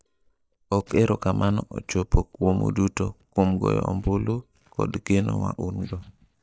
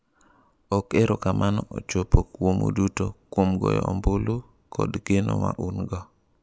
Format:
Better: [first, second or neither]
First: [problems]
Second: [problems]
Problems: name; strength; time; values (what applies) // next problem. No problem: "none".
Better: second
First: noise reduction (neural mask model DeepFilterNet 3)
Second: none